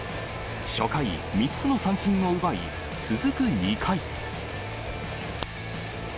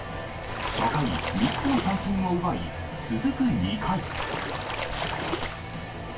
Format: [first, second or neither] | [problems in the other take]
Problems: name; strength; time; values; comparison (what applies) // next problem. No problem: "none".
first | background sound (Splash, splatter); 6 dB below the speech // room echo; dies away in 0.2 s